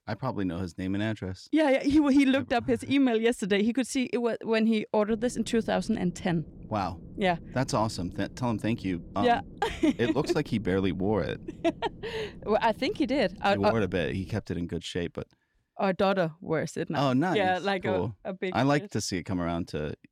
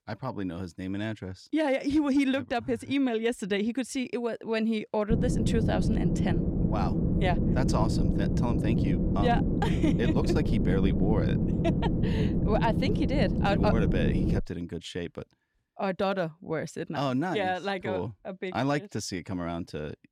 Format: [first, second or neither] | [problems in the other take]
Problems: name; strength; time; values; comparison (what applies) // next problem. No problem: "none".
first | low rumble; loud; from 5 to 14 s; 3 dB below the speech; faint in the first